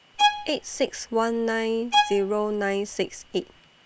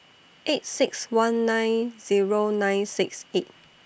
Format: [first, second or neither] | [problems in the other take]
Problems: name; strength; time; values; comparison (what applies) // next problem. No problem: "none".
second | background sound (Bowed string instrument); 2 dB below the speech